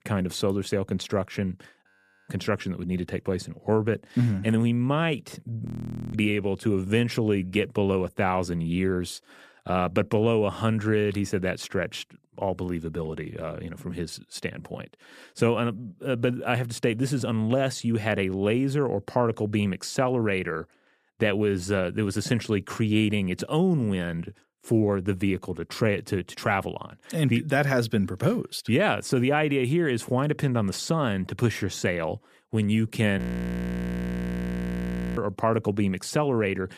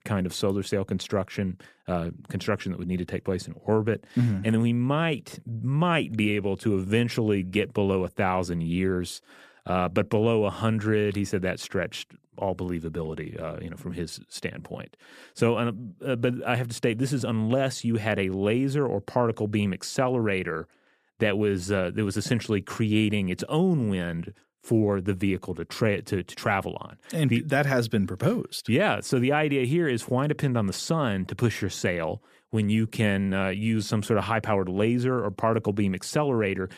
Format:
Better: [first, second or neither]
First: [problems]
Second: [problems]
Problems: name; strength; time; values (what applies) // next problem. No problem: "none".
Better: second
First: audio freezing; at 2 s, at 5.5 s and at 33 s for 2 s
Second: none